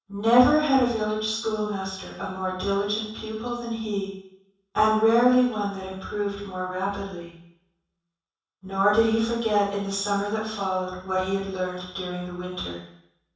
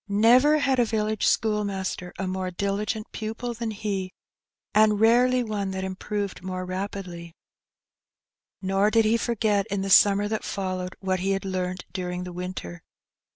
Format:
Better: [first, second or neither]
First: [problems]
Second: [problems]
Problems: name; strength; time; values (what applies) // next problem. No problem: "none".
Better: second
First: room echo; dies away in 0.7 s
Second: none